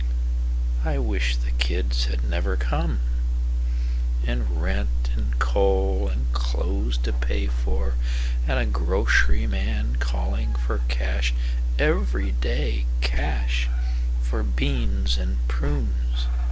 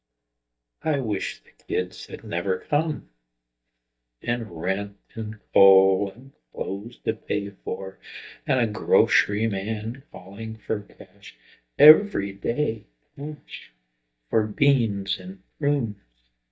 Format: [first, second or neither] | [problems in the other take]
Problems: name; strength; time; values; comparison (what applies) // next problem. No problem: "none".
first | noise reduction (neural mask model DeepFilterNet 3)